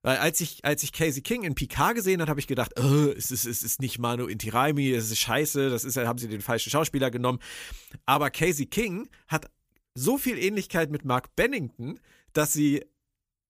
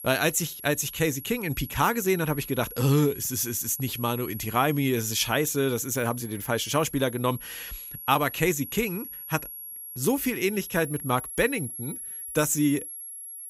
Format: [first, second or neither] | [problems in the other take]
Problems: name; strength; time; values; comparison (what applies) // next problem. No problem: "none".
first | high-pitched whine; noticeable; throughout; 11.5 kHz, 10 dB below the speech